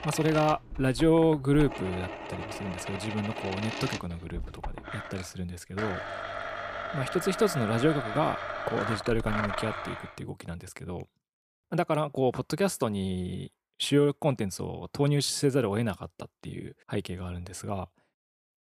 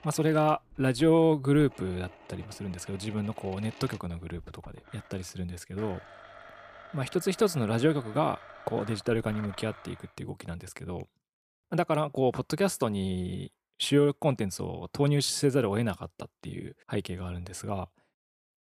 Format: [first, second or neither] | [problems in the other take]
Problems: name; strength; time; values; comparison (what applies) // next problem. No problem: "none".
second | household noises; loud; until 10 s; 7 dB below the speech; faint in the second